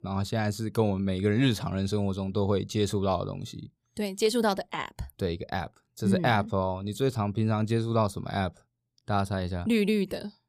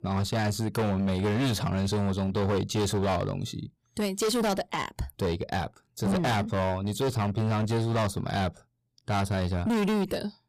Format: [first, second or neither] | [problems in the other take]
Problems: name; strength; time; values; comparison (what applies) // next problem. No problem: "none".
first | distortion; heavy; 22% of the sound clipped